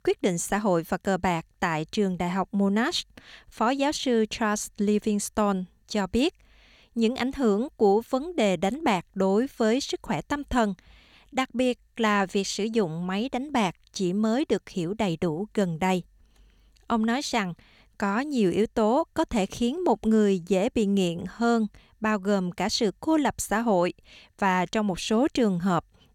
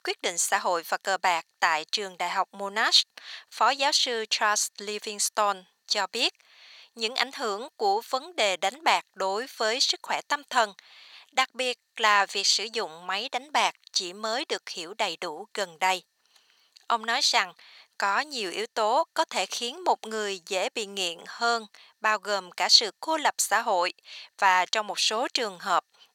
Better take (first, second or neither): first